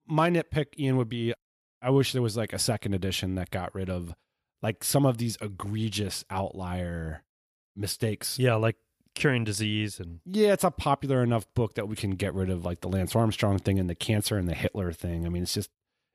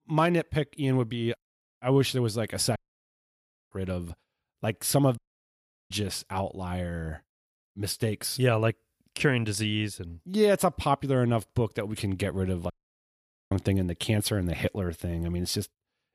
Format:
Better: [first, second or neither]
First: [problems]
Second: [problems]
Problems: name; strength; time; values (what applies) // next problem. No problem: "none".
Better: first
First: none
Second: audio cutting out; at 3 s for 1 s, at 5 s for 0.5 s and at 13 s for 1 s